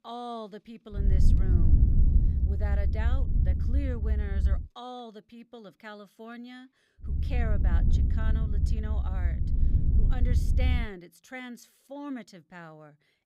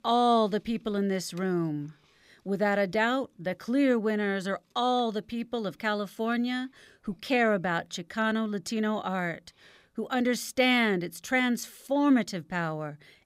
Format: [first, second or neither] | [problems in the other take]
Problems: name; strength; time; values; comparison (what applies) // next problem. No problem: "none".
second | low rumble; loud; from 1 to 4.5 s and from 7 to 11 s; 2 dB below the speech